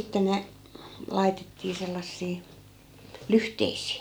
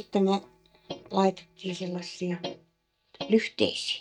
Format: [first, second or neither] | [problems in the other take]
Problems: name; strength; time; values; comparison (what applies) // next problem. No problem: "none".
first | noise reduction (neural mask model DeepFilterNet 3)